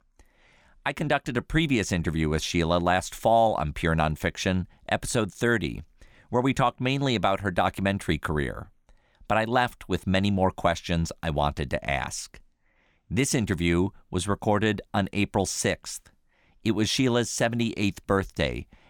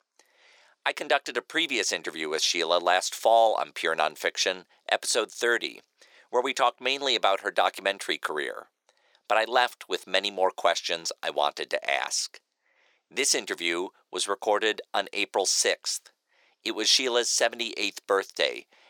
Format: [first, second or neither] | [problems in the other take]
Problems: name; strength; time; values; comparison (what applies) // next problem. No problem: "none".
first | thin; very; fading below 400 Hz